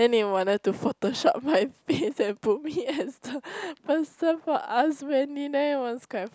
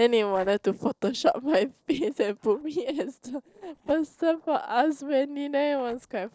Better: first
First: none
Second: noise reduction (neural separator model SepFormer DNS4)

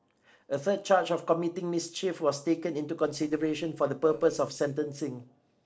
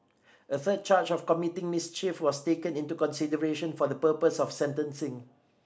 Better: second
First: noise reduction (neural separator model SepFormer DNS4)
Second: none

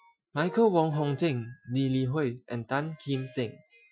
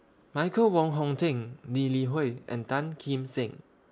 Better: second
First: noise reduction (classical method Wiener filter)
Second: none

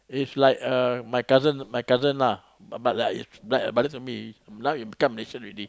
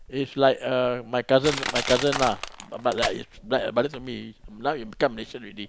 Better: first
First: none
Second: background sound (Crushing); 10 dB below the speech

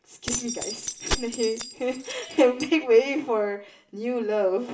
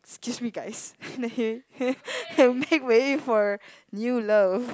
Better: second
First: background sound (Keys jangling); 8 dB below the speech // room echo; dies away in 0.4 s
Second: none

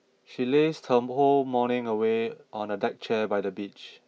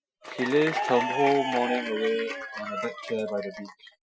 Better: first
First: none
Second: noise reduction (classical method Wiener filter)

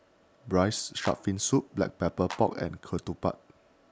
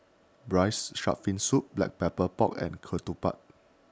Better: second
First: background sound (Clapping); 14 dB below the speech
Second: none

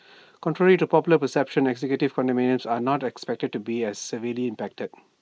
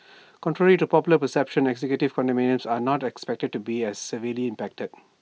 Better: second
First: noise reduction (neural mask model Resemble Enhance denoiser)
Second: none

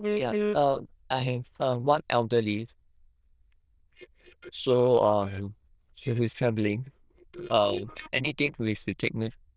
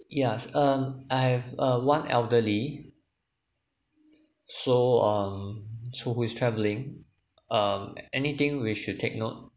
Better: second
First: noise reduction (neural diffusion model UNIVERSE++)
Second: none

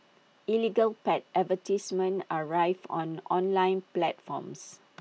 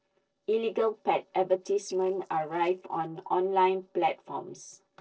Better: first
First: none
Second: noise reduction (neural separator model SepFormer DNS4)

